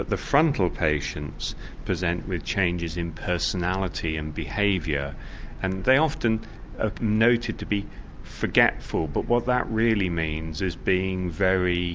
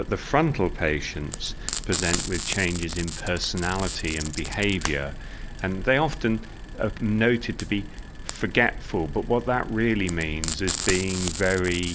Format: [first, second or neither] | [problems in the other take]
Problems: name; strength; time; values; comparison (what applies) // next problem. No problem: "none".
first | background sound (Frying (food)); 10 dB below the speech